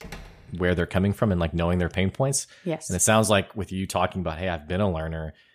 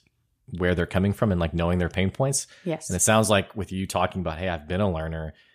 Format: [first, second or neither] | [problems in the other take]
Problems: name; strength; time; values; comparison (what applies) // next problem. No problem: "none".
second | door banging; faint; at the start; peak 15 dB below the speech